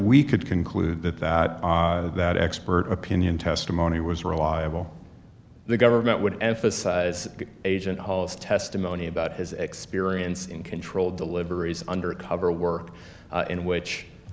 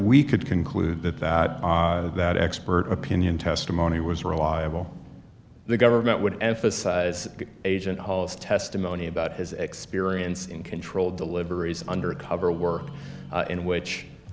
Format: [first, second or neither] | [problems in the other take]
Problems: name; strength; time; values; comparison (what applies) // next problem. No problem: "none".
first | background sound (Guitar); 15 dB below the speech